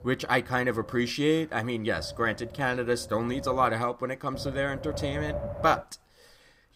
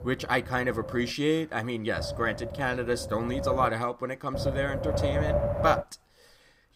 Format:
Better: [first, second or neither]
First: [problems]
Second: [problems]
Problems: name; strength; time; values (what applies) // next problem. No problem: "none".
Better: first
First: wind noise on the microphone; occasional gusts; until 1 s, from 2 to 3.5 s and from 4.5 to 6 s; 10 dB below the speech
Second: wind noise on the microphone; heavy; until 1 s, from 2 to 3.5 s and from 4.5 to 6 s; 4 dB below the speech